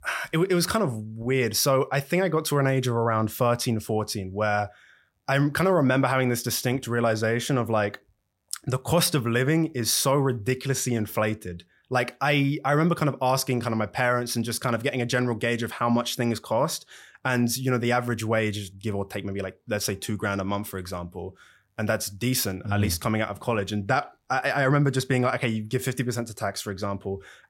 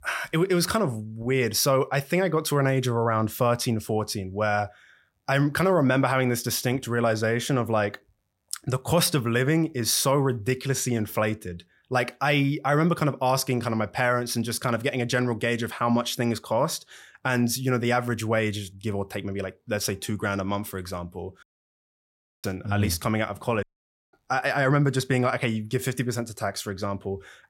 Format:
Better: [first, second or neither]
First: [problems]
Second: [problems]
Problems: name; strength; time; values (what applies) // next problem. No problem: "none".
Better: first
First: none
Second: audio cutting out; at 21 s for 1 s and at 24 s for 0.5 s